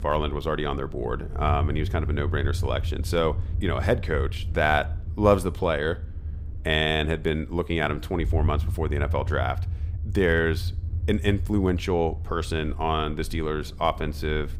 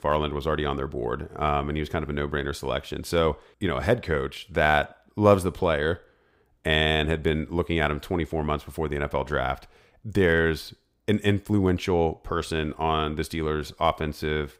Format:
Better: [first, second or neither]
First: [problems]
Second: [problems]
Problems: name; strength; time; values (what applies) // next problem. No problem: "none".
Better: second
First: low rumble; faint; throughout; 20 dB below the speech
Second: none